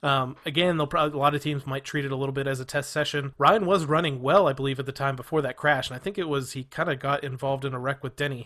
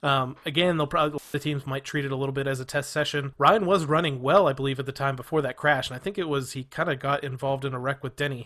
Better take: first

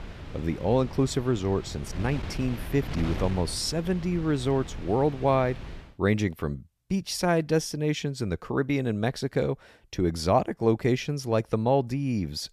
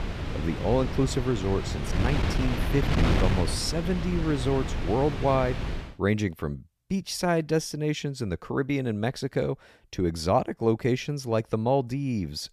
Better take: first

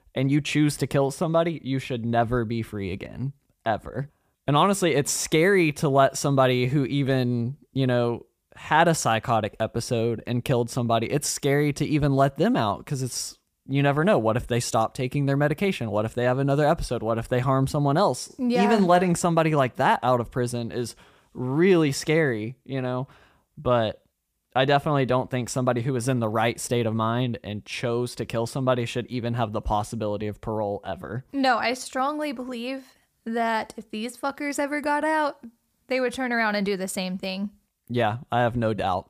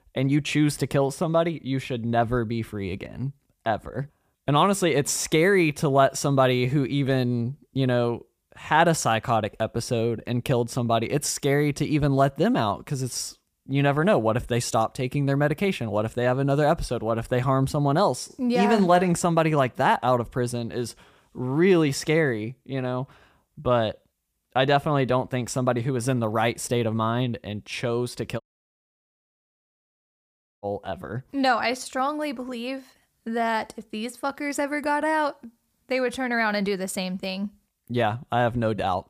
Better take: first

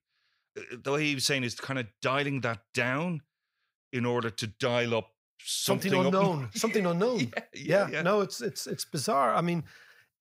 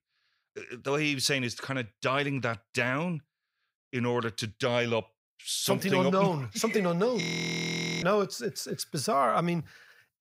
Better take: first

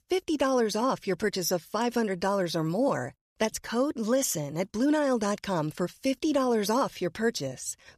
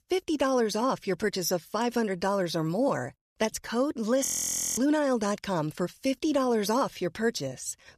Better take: first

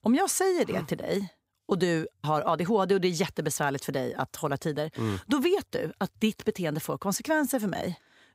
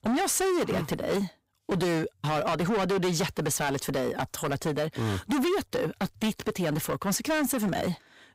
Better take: first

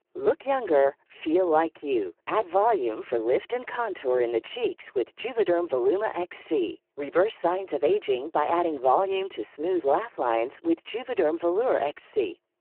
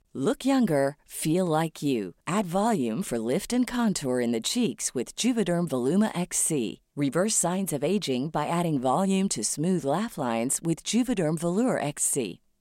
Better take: second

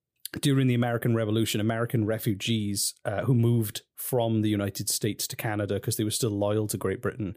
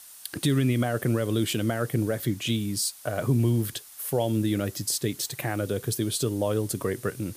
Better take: first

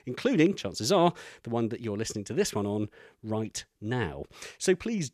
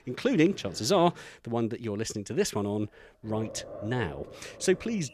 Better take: first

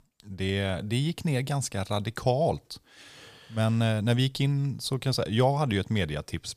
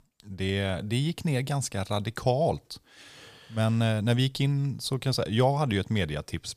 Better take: neither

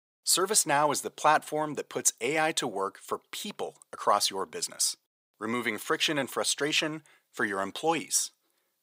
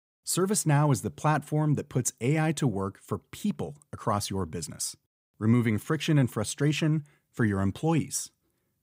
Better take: second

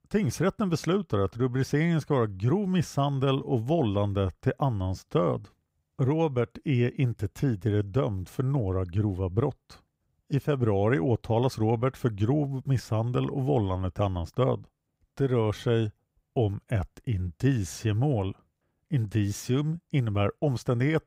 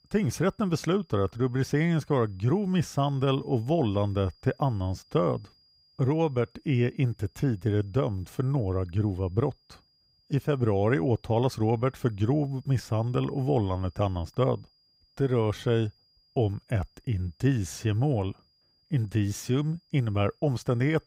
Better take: first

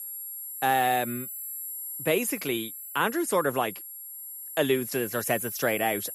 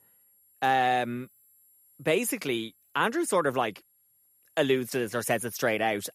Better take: second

